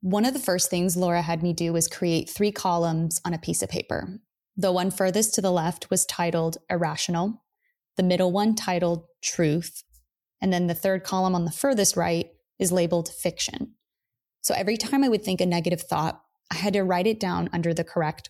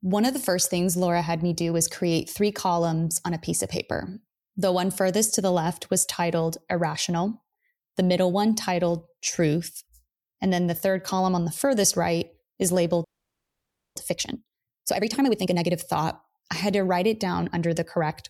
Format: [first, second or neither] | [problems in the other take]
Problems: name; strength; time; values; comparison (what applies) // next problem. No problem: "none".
first | audio freezing; at 13 s for 1 s